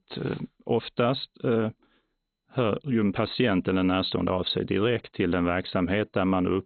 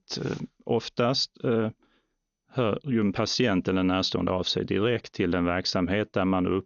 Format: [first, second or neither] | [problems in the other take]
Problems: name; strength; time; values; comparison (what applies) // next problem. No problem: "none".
second | garbled, watery; badly; nothing above 4 kHz; slightly in the second